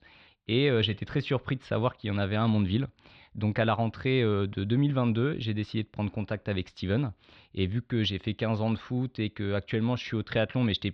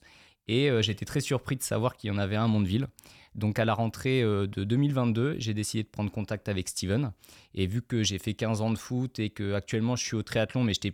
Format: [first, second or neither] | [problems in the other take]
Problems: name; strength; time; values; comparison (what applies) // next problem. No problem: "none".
second | muffled; slightly; fading above 4 kHz